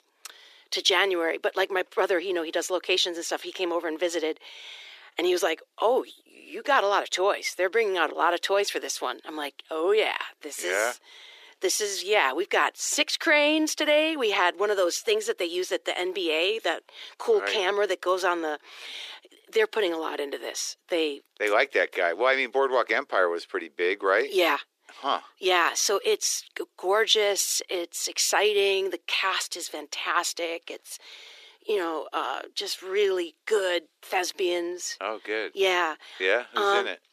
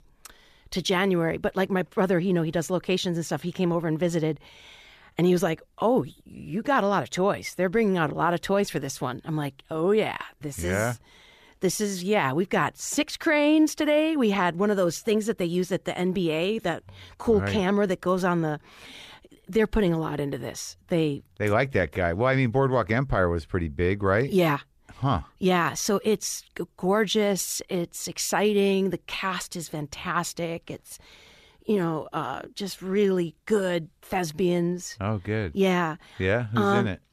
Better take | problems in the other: second | thin; very; fading below 350 Hz

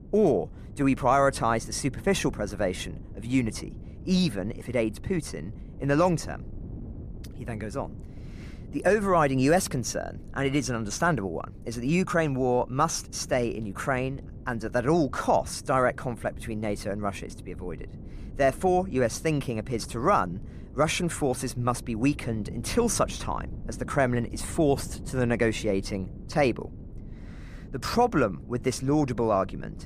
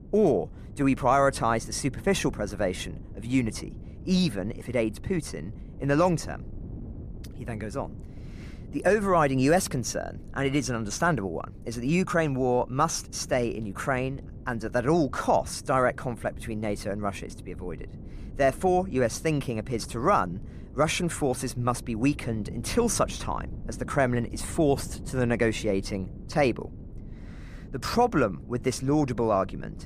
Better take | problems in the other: neither | wind noise on the microphone; occasional gusts; 25 dB below the speech; the same in both

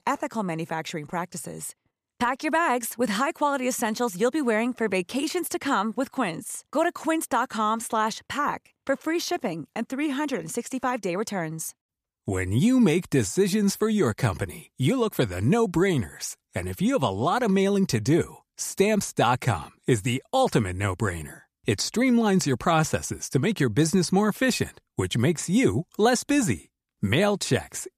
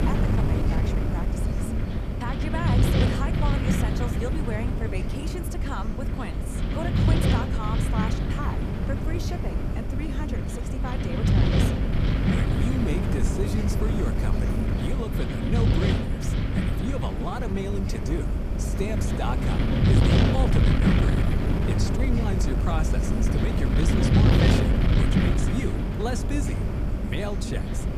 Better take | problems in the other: first | wind noise on the microphone; heavy; 3 dB above the speech

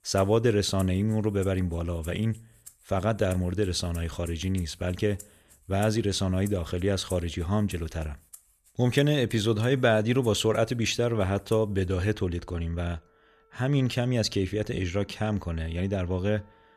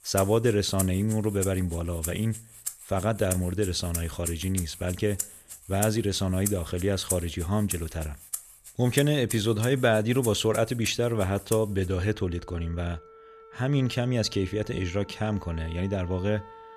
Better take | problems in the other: first | background music; loud; throughout; 9 dB below the speech; faint in the first

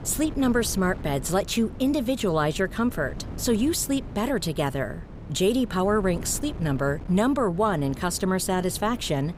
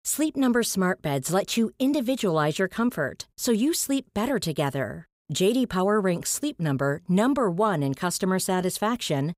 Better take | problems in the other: second | wind noise on the microphone; occasional gusts; 20 dB below the speech

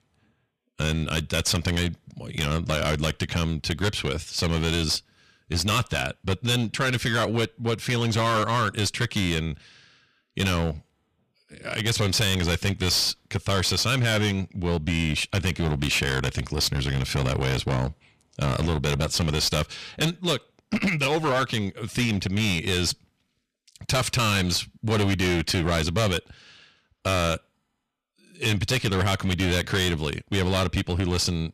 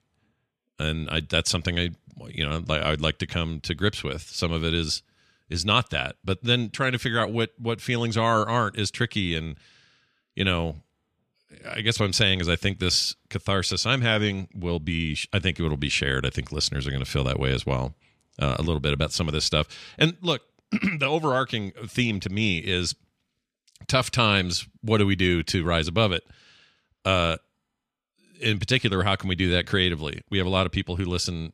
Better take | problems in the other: second | distortion; heavy; 15% of the sound clipped

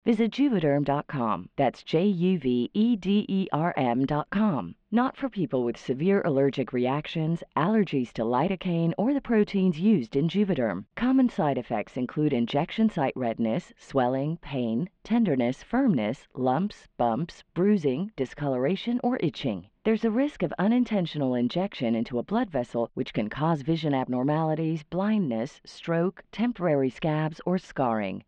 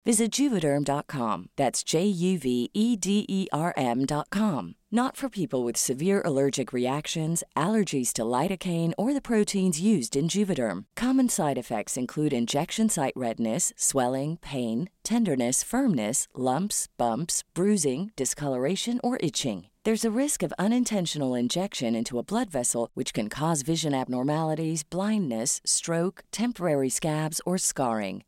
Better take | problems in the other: second | muffled; very; fading above 3 kHz

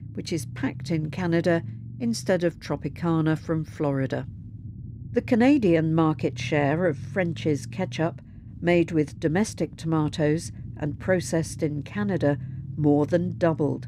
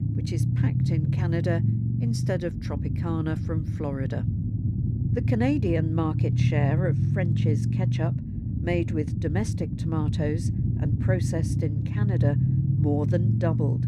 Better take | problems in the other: first | low rumble; loud; throughout; 4 dB below the speech; faint in the first

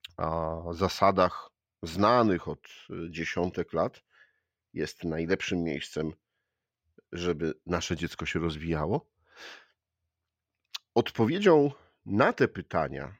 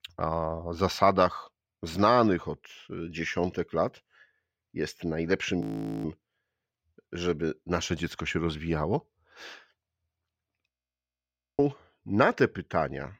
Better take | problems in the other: first | audio freezing; at 5.5 s and at 11 s for 1 s

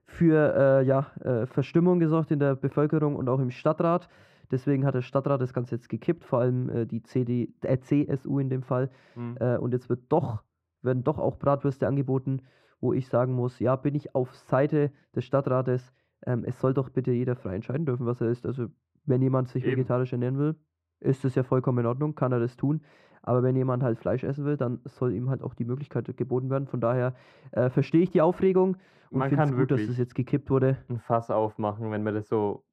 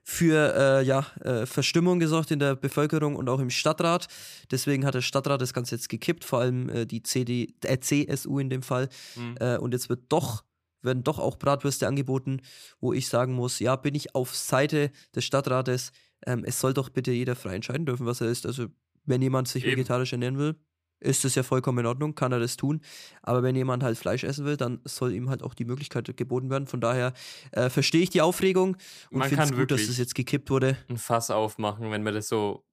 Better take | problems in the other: second | muffled; very; fading above 3 kHz

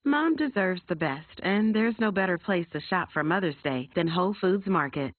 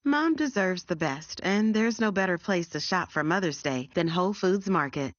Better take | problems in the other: second | garbled, watery; badly; nothing above 4 kHz; slightly in the second

